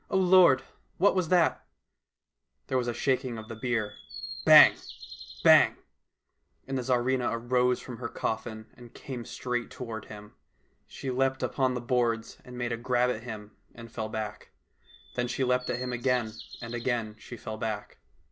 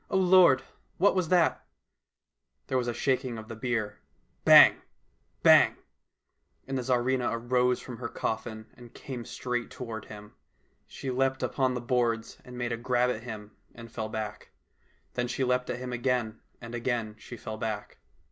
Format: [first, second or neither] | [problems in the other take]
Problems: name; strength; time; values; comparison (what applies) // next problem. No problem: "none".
second | background sound (Bird vocalization, bird call, bird song); 16 dB below the speech